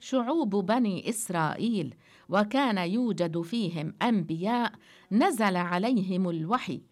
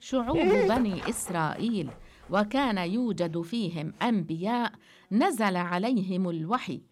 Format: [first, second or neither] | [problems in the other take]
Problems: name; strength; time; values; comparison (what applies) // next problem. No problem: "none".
first | dog barking; loud; until 1.5 s; peak 4 dB above the speech